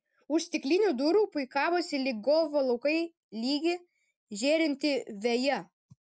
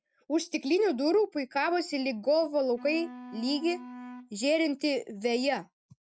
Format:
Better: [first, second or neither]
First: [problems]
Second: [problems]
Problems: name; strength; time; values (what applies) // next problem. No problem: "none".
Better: first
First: none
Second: background sound (Wind instrument, woodwind instrument); 17 dB below the speech